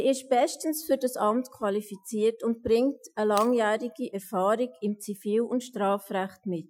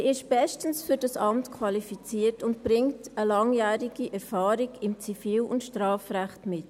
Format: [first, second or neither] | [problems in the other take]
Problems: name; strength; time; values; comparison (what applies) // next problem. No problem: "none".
second | noise reduction (classical method Wiener filter)